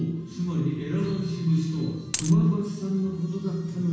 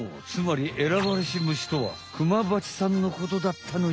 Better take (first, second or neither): second